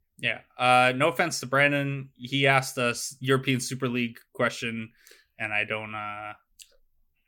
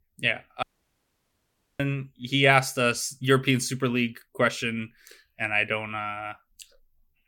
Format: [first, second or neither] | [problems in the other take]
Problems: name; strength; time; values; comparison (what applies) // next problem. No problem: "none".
first | audio cutting out; at 0.5 s for 1 s